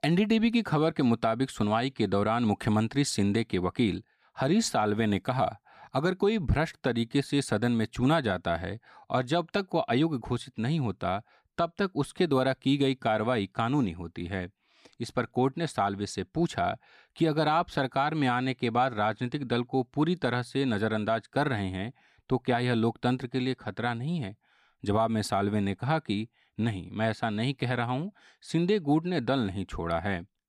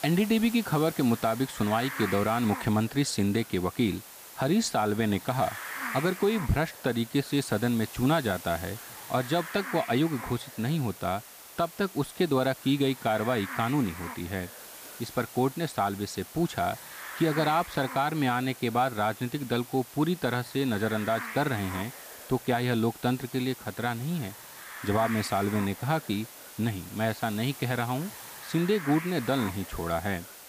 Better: first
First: none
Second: hiss; noticeable; throughout; 10 dB below the speech

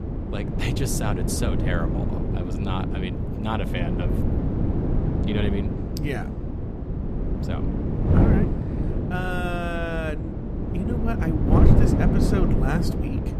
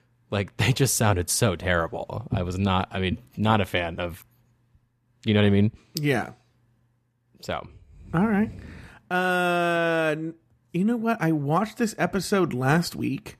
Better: second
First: wind noise on the microphone; heavy; as loud as the speech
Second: none

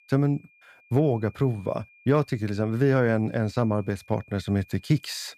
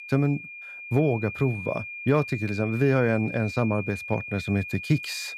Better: first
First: high-pitched whine; faint; throughout; 2.5 kHz, 30 dB below the speech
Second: high-pitched whine; loud; throughout; 2.5 kHz, 9 dB below the speech

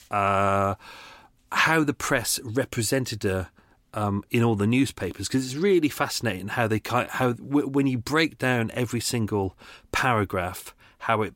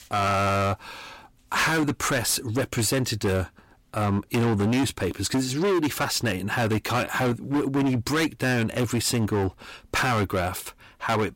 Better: first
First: none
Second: distortion; heavy; 18% of the sound clipped

